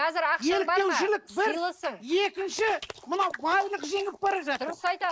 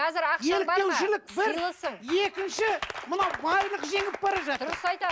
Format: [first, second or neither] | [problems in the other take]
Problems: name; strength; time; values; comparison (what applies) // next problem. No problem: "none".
second | noise reduction (neural mask model Resemble Enhance denoiser)